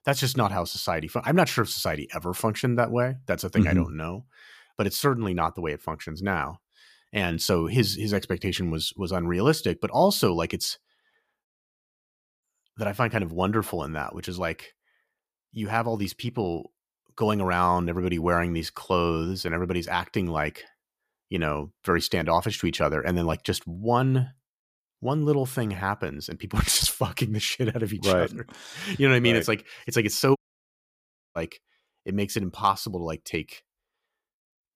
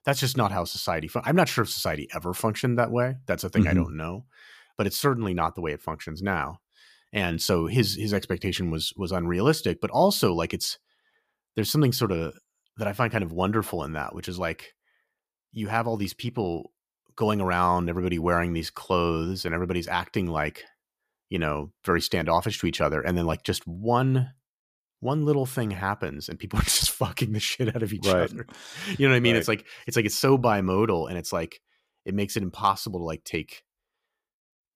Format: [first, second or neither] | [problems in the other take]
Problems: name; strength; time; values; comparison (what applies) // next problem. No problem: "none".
second | audio cutting out; at 11 s for 1 s and at 30 s for 1 s